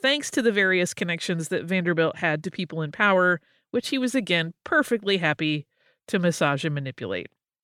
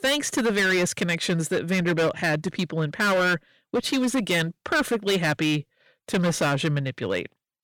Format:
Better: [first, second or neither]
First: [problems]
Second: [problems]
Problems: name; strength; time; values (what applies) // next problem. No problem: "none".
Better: first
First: none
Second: distortion; heavy; 14% of the sound clipped